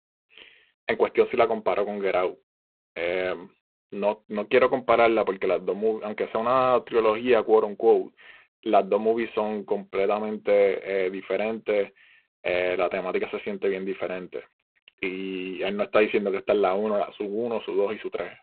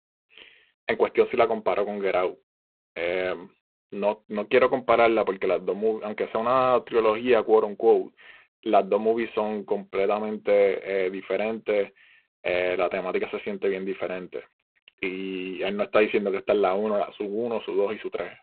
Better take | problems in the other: neither | phone-call audio; poor line; nothing above 4 kHz; the same in both

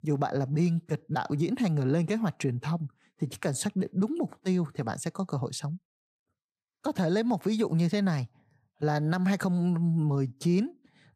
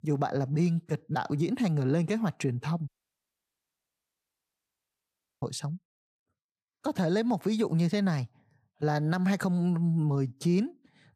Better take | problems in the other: first | audio cutting out; at 3 s for 2.5 s

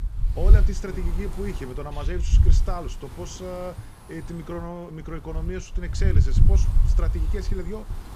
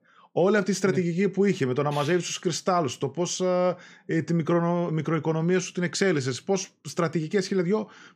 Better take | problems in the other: second | wind noise on the microphone; heavy; 6 dB below the speech

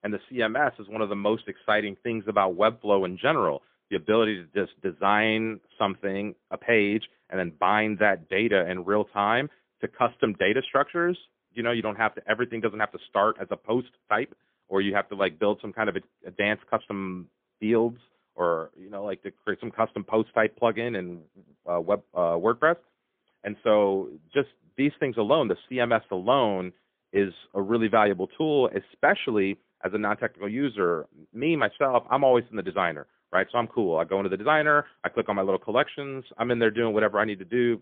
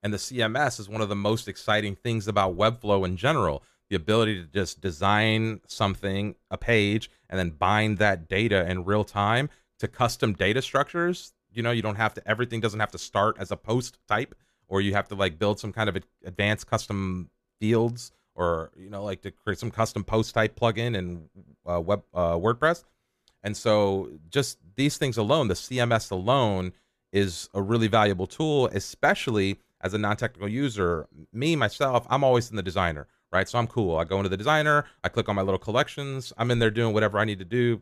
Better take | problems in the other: second | phone-call audio; poor line; nothing above 3.5 kHz

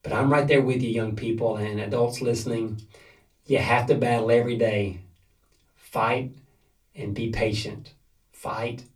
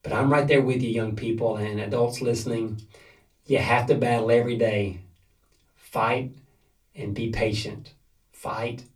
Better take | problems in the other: neither | off-mic speech; far; the same in both // room echo; very slight; dies away in 0.2 s; the same in both

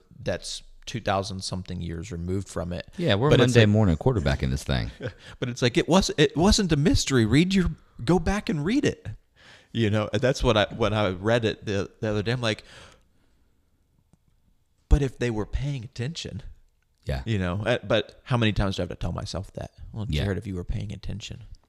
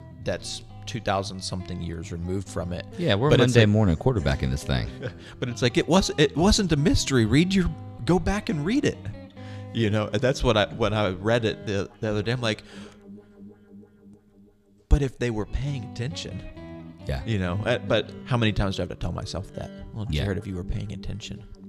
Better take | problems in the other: first | background music; noticeable; throughout; 20 dB below the speech

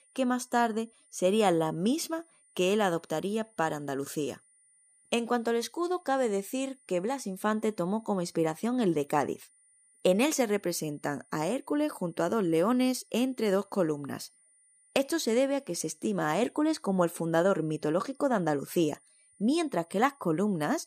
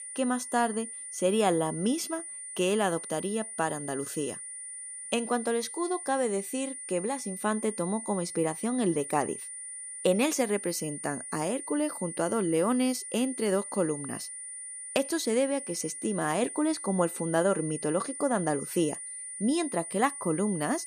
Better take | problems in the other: first | high-pitched whine; loud; throughout; 9.5 kHz, 8 dB below the speech; faint in the first

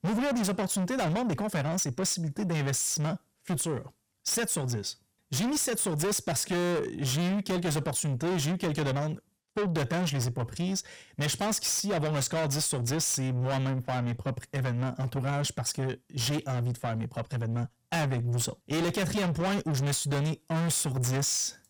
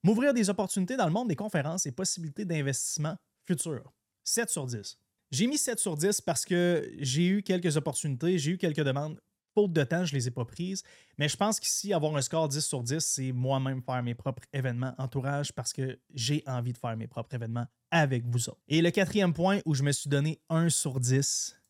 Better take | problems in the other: second | distortion; heavy; 6 dB below the speech

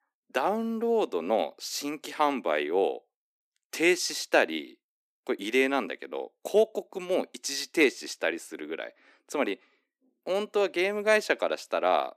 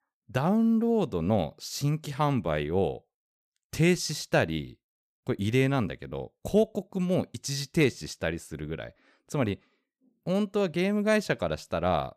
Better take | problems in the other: second | thin; somewhat; fading below 250 Hz

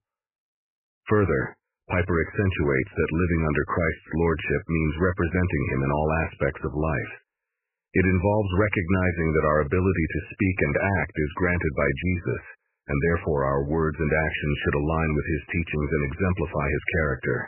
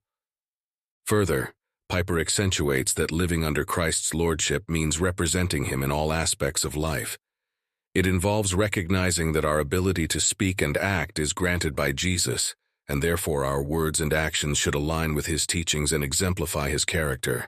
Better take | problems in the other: second | garbled, watery; badly; nothing above 2.5 kHz

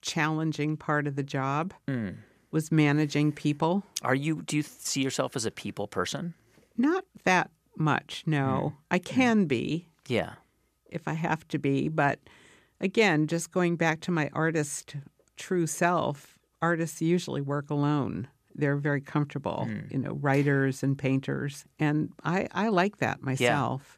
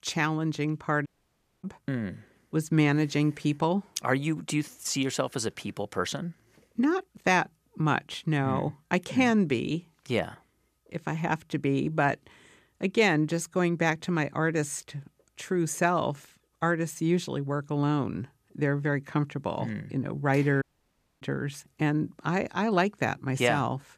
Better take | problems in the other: first | audio cutting out; at 1 s for 0.5 s and at 21 s for 0.5 s

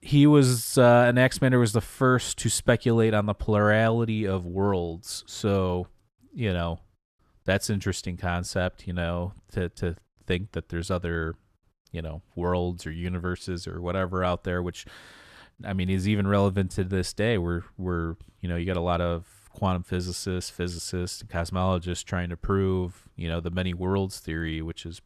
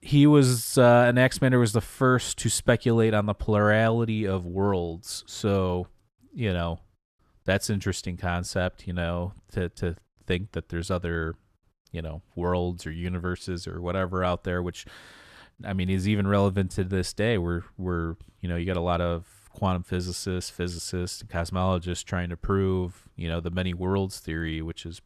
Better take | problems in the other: neither | none

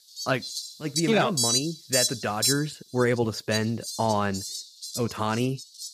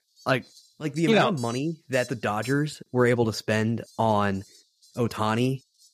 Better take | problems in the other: second | animal sounds; loud; throughout; 1 dB below the speech; faint in the second

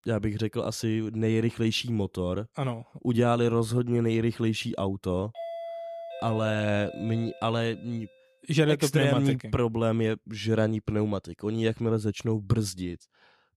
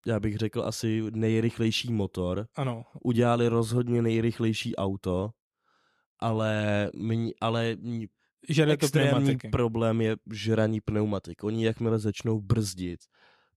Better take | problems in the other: second | doorbell; noticeable; from 5.5 to 8 s; peak 9 dB below the speech

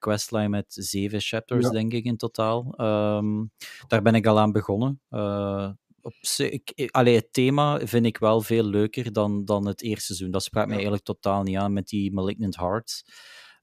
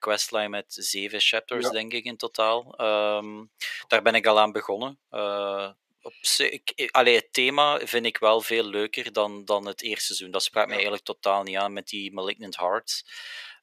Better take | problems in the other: first | thin; very; fading below 600 Hz

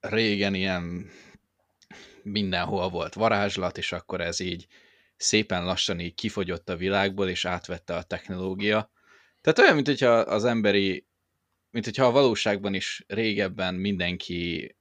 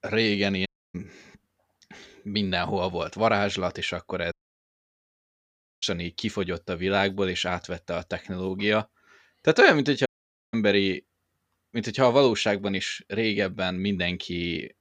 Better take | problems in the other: first | audio cutting out; at 0.5 s, at 4.5 s for 1.5 s and at 10 s

